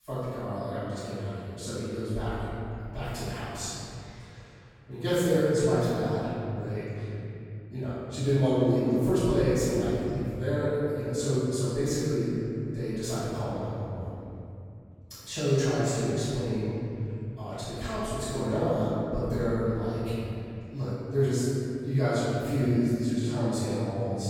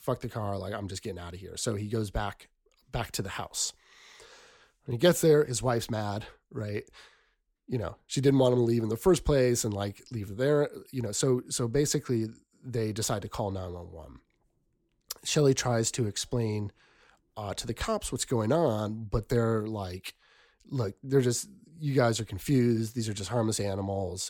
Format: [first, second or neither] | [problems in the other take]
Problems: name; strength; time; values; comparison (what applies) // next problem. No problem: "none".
second | room echo; strong; dies away in 3 s // off-mic speech; far